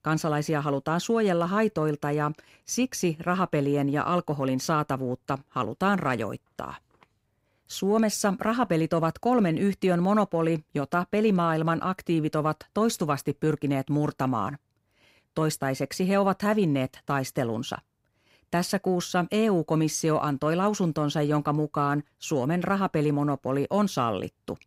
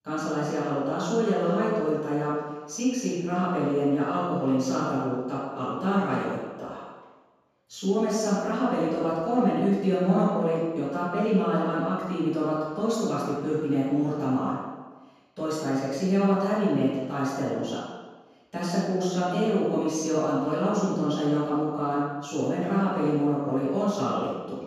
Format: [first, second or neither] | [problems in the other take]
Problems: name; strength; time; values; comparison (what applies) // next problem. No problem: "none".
first | room echo; strong; dies away in 1.2 s // off-mic speech; far